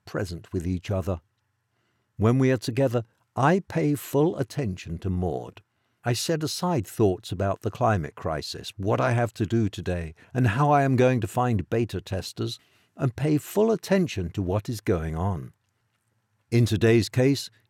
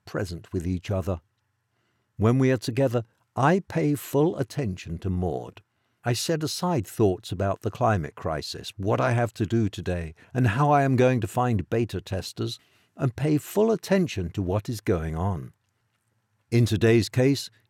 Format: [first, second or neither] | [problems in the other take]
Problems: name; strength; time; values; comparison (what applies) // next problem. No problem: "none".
neither | none